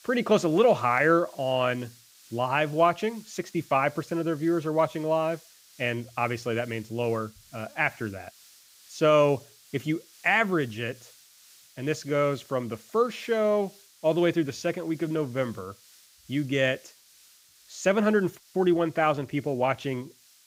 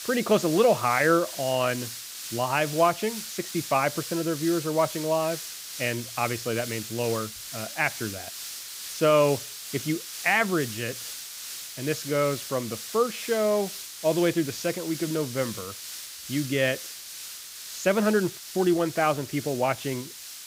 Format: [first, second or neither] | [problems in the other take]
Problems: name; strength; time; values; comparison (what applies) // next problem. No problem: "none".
first | hiss; loud; throughout; 9 dB below the speech; faint in the first